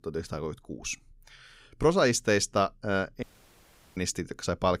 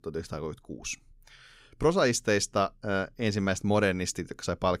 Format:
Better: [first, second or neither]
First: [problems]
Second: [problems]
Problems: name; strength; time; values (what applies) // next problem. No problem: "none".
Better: second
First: audio cutting out; at 3 s for 0.5 s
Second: none